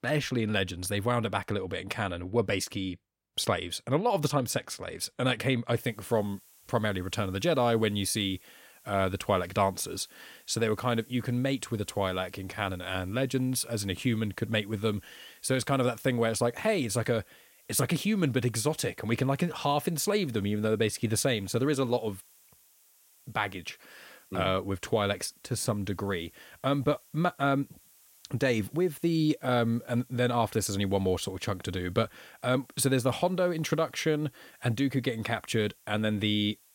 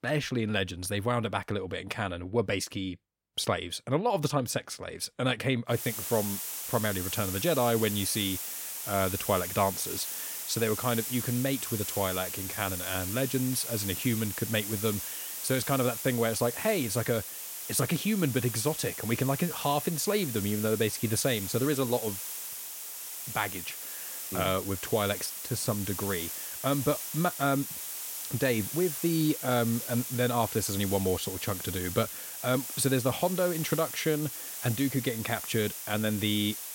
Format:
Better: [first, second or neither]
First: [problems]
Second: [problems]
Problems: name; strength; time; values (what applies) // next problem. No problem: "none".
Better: first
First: hiss; faint; from 6 s on; 25 dB below the speech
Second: hiss; loud; from 6 s on; 5 dB below the speech